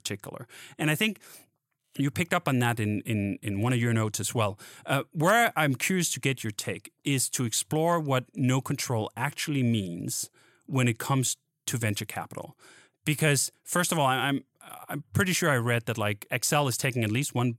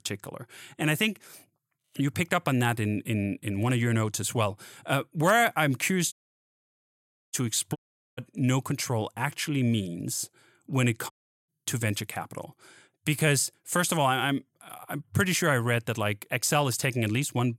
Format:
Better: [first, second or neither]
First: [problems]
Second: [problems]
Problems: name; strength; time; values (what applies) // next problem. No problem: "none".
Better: first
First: none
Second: audio cutting out; at 6 s for 1 s, at 8 s and at 11 s